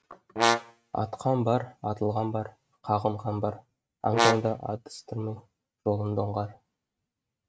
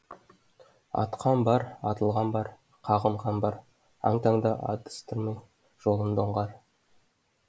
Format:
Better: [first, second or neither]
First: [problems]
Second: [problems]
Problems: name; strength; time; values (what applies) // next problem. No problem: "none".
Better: second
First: noise reduction (neural mask model RNNoise)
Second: none